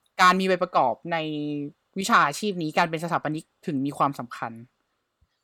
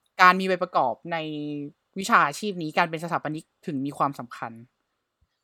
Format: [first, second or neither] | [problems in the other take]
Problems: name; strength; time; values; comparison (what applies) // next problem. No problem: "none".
second | distortion; slight; 10 dB below the speech